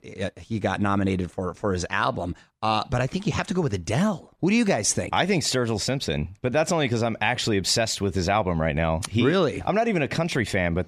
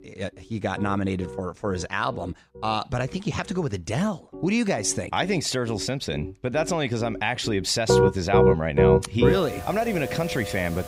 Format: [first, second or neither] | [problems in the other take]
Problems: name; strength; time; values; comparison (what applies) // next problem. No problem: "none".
first | background music; very loud; throughout; 3 dB above the speech